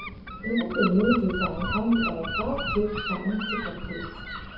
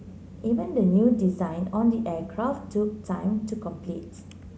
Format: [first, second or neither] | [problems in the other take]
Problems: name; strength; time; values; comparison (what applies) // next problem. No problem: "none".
second | background sound (Gull, seagull / Wind); 5 dB below the speech // room echo; dies away in 0.7 s